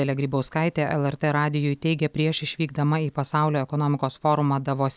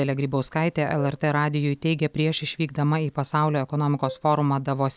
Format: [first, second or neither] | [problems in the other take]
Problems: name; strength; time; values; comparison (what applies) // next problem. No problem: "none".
first | background sound (Wind instrument, woodwind instrument); 18 dB below the speech